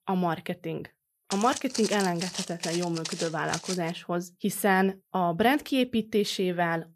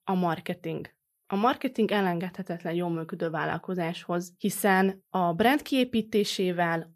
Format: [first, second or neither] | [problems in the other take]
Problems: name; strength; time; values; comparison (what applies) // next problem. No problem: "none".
second | footsteps; noticeable; from 1.5 to 4 s; peak 5 dB below the speech